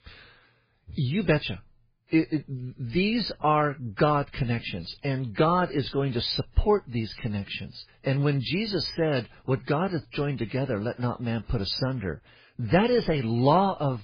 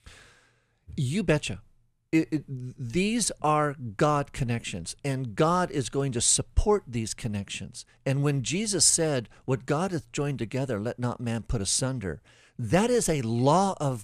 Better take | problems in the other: second | garbled, watery; badly; nothing above 5 kHz

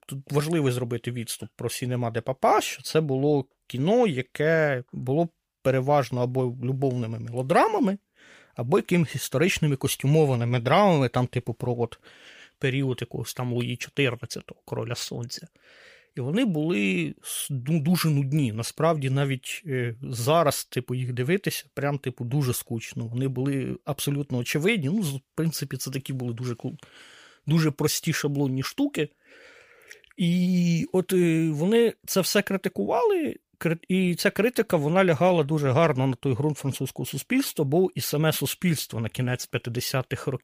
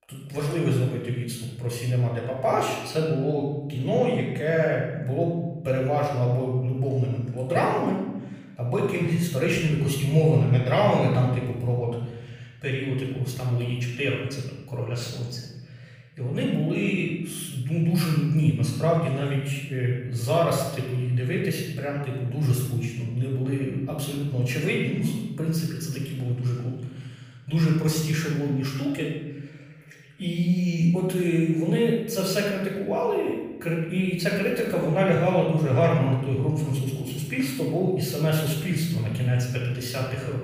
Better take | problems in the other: first | off-mic speech; far // room echo; noticeable; dies away in 1.2 s

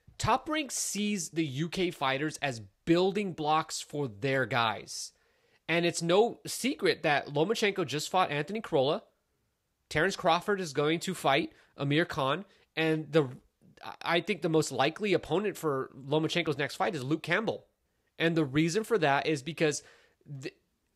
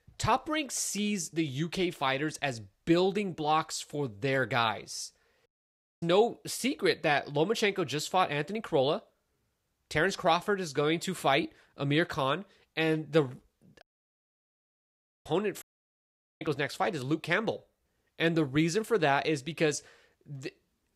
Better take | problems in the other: first | audio cutting out; at 5.5 s for 0.5 s, at 14 s for 1.5 s and at 16 s for 1 s

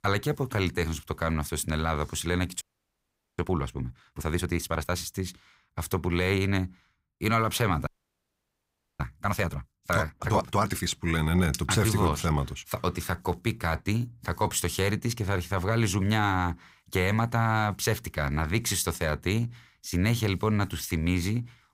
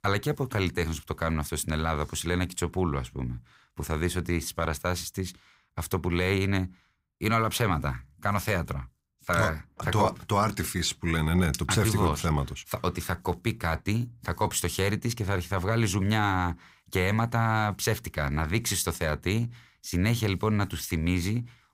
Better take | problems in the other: second | audio freezing; at 2.5 s for 1 s and at 8 s for 1 s

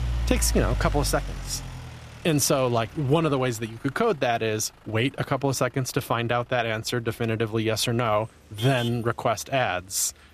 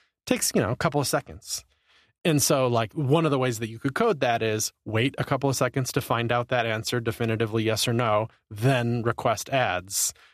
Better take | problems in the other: second | traffic noise; loud; throughout; 9 dB below the speech

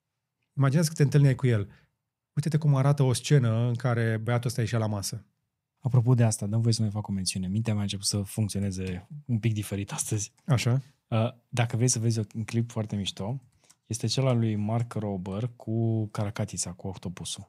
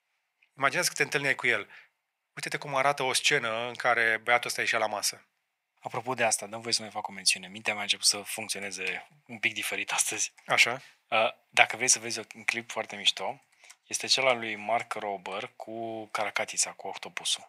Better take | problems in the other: first | thin; very; fading below 600 Hz

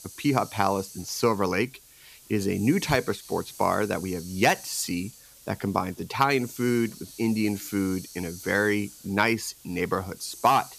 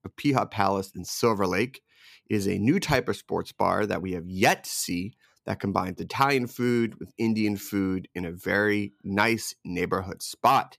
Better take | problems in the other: second | hiss; noticeable; throughout; 15 dB below the speech

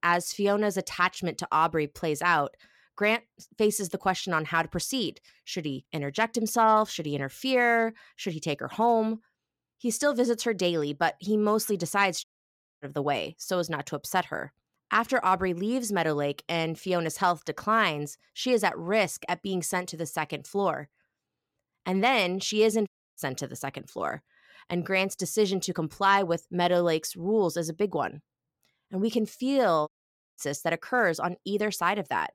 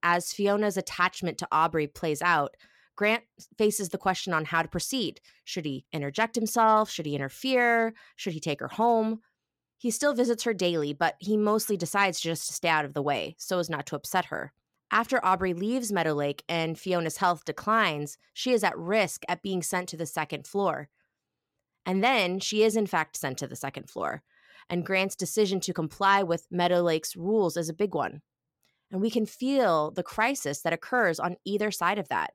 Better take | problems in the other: second | audio cutting out; at 12 s for 0.5 s, at 23 s and at 30 s

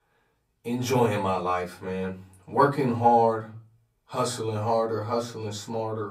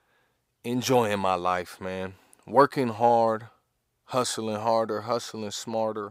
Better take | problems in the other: second | off-mic speech; far // room echo; very slight; dies away in 0.4 s

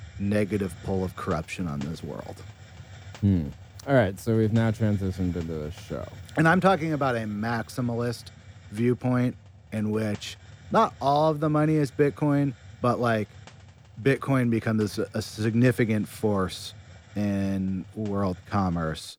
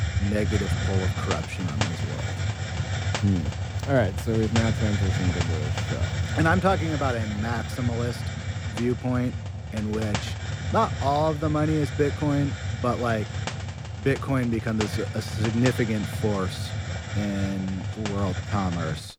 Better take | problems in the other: first | hiss; loud; throughout; 3 dB below the speech; faint in the first

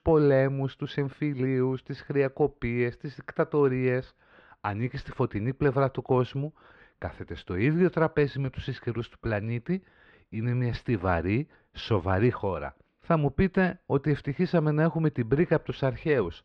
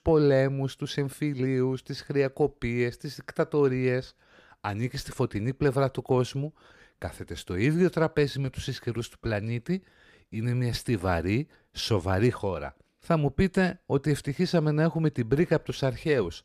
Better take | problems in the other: second | muffled; slightly; fading above 3 kHz

